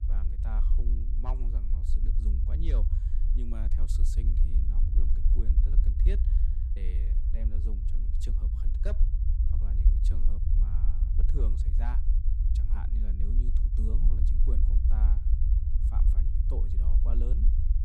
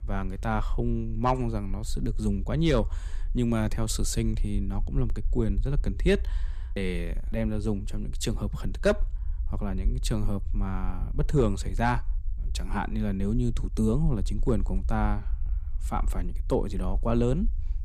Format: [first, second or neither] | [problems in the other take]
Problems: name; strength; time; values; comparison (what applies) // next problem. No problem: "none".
second | low rumble; loud; throughout; 1 dB below the speech; faint in the second